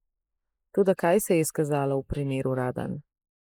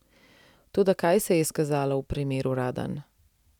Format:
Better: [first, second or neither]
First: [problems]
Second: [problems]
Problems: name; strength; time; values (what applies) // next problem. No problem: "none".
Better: second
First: noise reduction (neural mask model Resemble Enhance denoiser)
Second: none